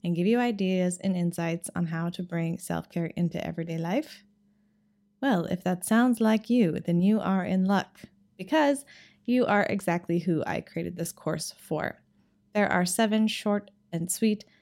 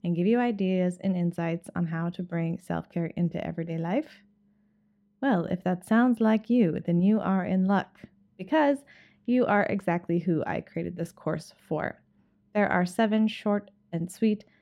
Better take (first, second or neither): first